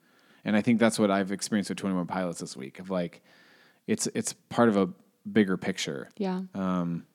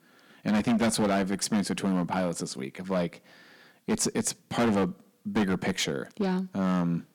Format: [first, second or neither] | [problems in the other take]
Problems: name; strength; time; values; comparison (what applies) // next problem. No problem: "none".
first | distortion; heavy; 10% of the sound clipped